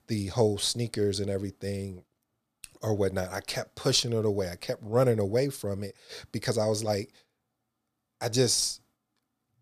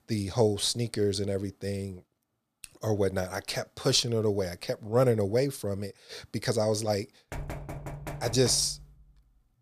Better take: first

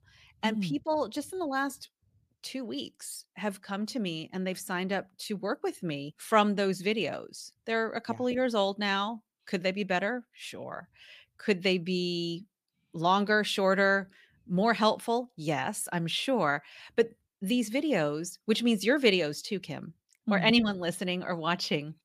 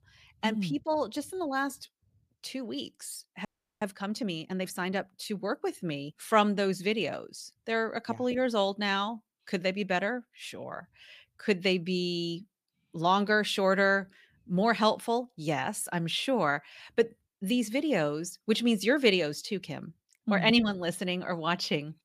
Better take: first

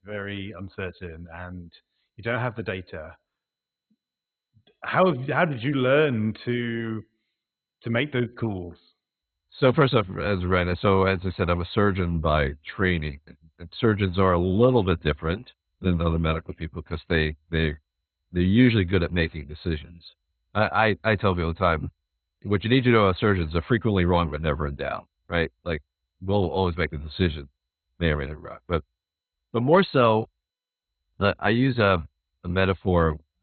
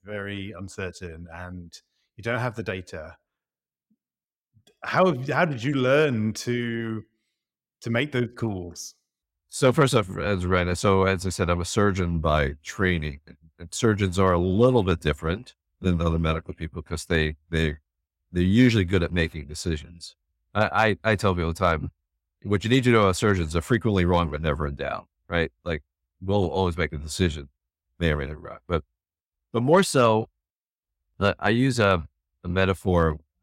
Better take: second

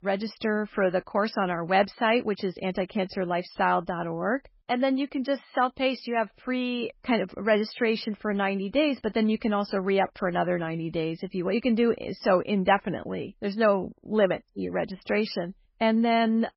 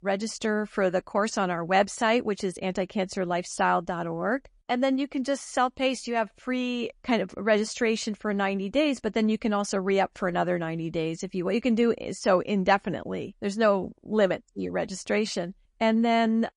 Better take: second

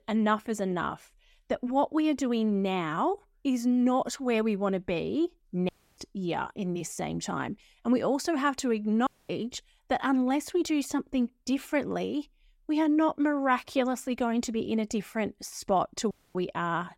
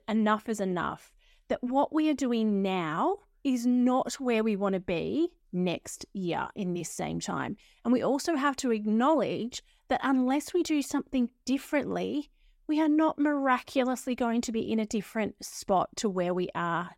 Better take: second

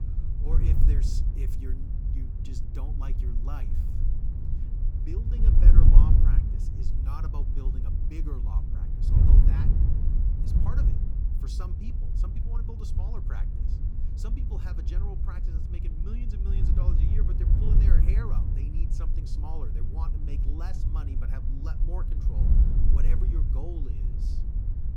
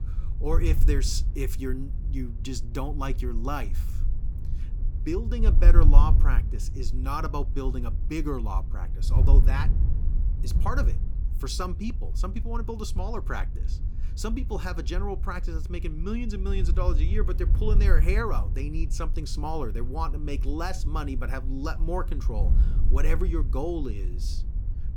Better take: second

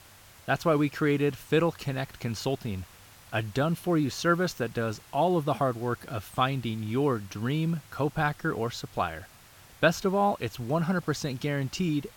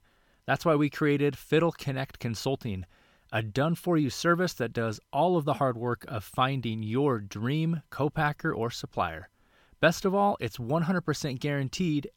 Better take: second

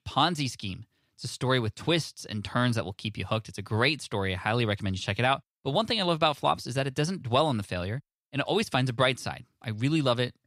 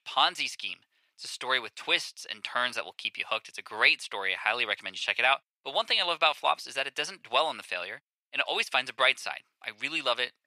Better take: first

